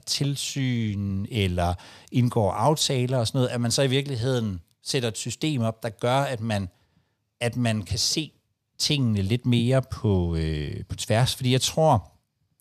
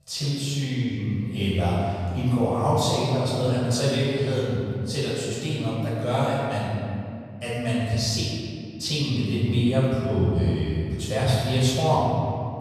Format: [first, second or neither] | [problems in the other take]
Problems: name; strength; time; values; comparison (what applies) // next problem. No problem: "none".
first | off-mic speech; far // room echo; strong; dies away in 2.2 s